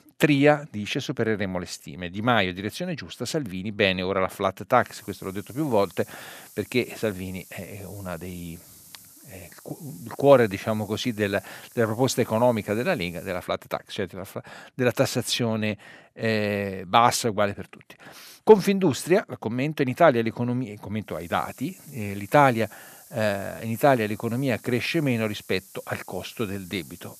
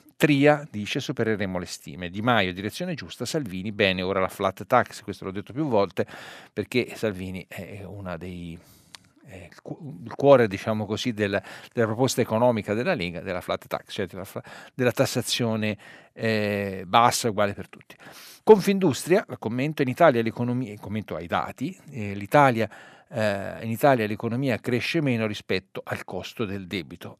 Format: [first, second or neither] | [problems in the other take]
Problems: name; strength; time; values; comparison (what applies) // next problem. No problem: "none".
second | hiss; faint; from 5 to 13 s and from 21 s on; 20 dB below the speech